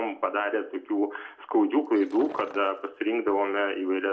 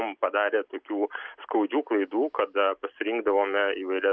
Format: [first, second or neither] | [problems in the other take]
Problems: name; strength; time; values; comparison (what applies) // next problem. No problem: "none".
second | noise reduction (neural separator model SepFormer DNS4)